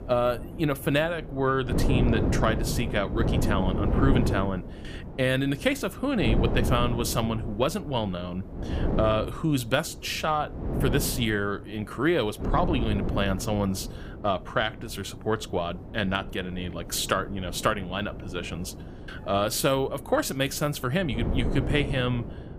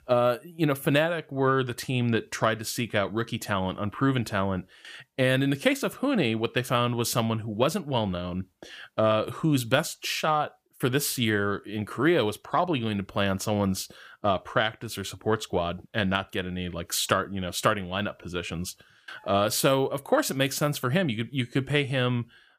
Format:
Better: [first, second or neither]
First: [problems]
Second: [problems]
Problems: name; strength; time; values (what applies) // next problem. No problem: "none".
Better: second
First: wind noise on the microphone; heavy; 9 dB below the speech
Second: none